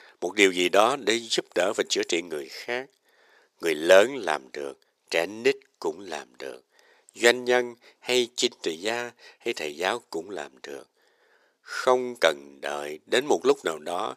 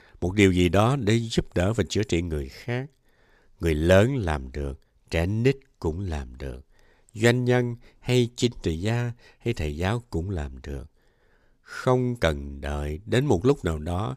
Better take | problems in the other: second | thin; very; fading below 400 Hz

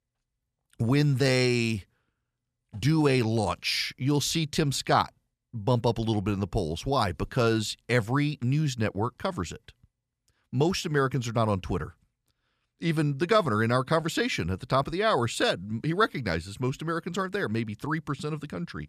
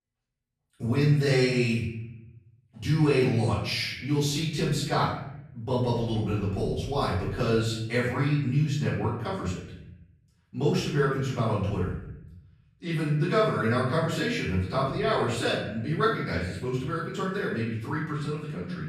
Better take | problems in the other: first | off-mic speech; far // room echo; noticeable; dies away in 0.9 s

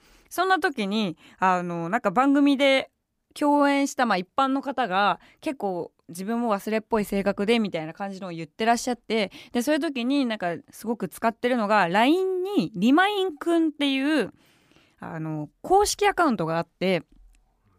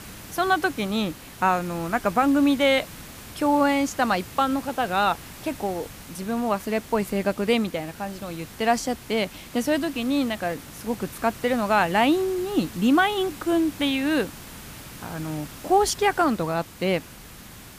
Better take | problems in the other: first | hiss; noticeable; throughout; 15 dB below the speech

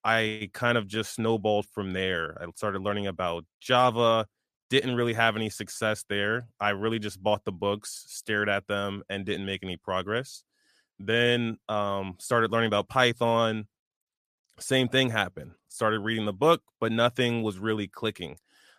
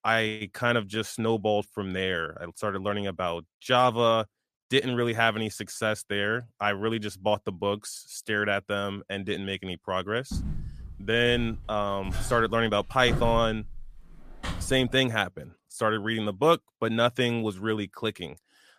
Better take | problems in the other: first | footsteps; noticeable; from 10 to 15 s; peak 5 dB below the speech

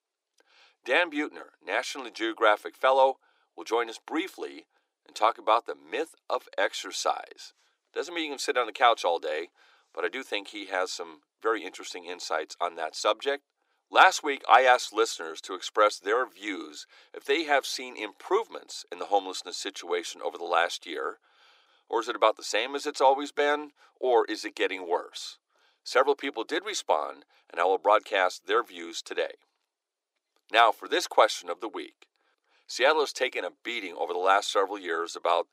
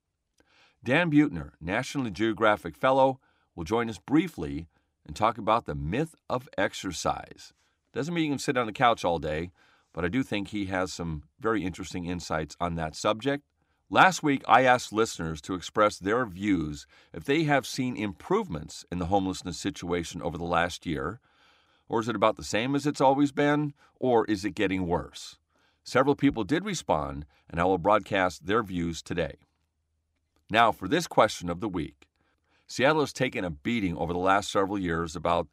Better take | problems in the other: second | thin; very; fading below 350 Hz

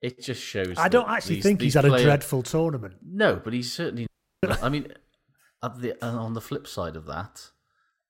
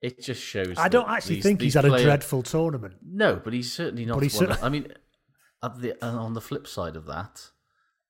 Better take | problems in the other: second | audio cutting out; at 4 s

